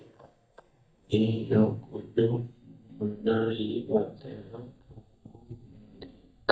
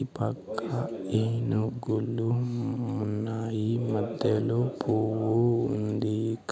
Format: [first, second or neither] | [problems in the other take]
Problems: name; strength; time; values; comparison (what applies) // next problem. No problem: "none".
second | noise reduction (neural mask model DeepFilterNet 3)